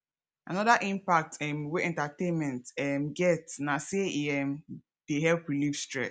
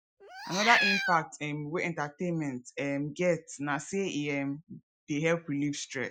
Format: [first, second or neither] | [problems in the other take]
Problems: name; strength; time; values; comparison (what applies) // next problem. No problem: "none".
first | noise reduction (classical method Wiener filter)